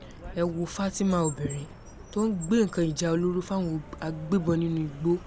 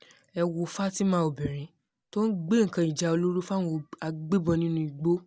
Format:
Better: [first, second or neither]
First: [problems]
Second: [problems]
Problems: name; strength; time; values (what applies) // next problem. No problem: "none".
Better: second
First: background sound (Car); 15 dB below the speech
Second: none